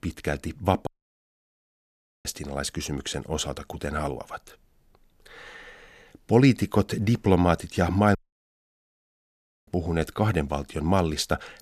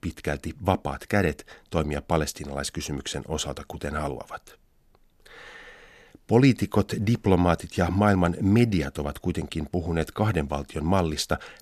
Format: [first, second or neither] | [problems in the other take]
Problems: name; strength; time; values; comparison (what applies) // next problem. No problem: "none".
second | audio cutting out; at 1 s for 1.5 s and at 8 s for 1.5 s